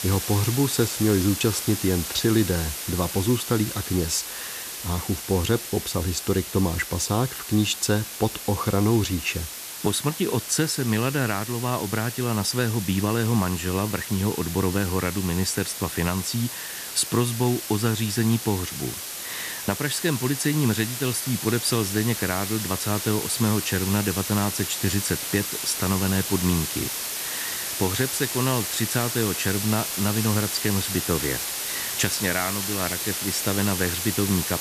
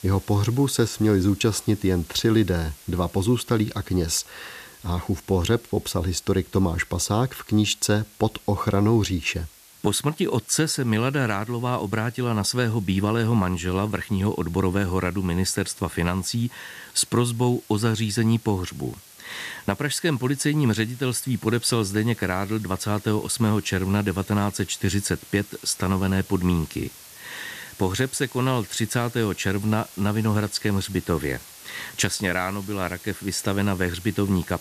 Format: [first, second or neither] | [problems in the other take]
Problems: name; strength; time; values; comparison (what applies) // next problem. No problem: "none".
second | hiss; loud; throughout; 4 dB below the speech; faint in the second